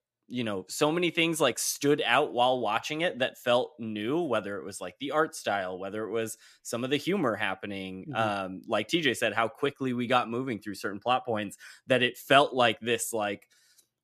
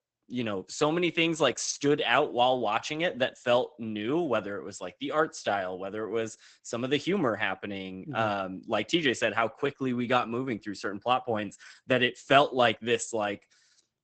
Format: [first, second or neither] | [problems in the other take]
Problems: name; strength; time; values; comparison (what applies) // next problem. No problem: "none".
first | garbled, watery; badly; nothing above 8 kHz